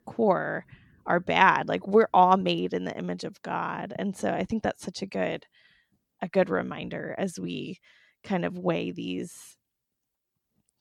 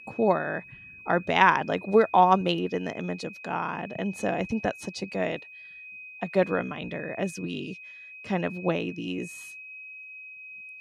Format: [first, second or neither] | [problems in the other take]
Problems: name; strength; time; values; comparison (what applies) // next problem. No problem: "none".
first | high-pitched whine; noticeable; throughout; 2.5 kHz, 15 dB below the speech